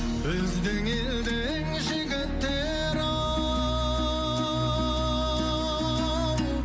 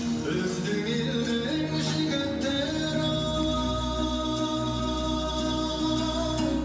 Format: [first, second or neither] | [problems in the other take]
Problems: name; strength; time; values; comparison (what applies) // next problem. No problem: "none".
first | background sound (Bird); 16 dB below the speech // room echo; dies away in 1 s